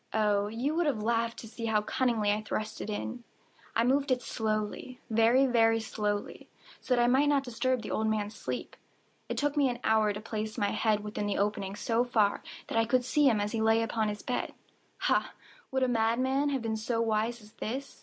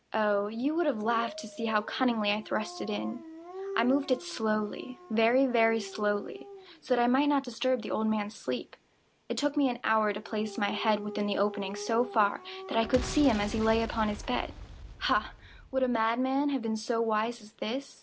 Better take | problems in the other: first | background sound (Boom + Dog); 15 dB below the speech

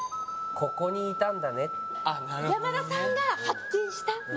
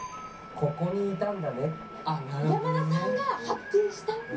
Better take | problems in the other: first | background sound (Train); 20 dB below the speech // room echo; dies away in 0.3 s

